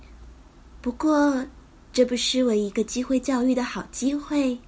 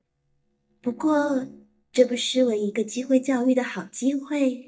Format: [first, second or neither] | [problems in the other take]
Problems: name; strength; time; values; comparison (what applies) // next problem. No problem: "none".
first | noise reduction (neural mask model DeepFilterNet 3)